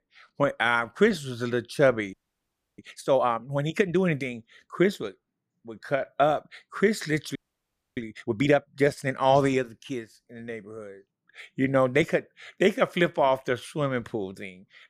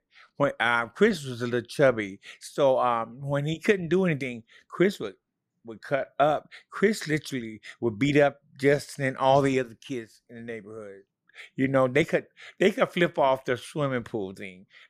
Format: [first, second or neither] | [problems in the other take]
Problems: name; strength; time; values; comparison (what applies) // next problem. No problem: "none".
second | audio freezing; at 2 s for 0.5 s and at 7.5 s for 0.5 s